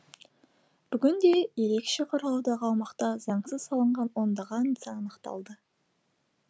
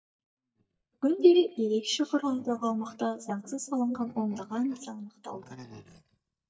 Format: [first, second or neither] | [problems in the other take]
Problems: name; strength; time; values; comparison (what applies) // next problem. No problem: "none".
first | noise reduction (neural mask model DeepFilterNet 3)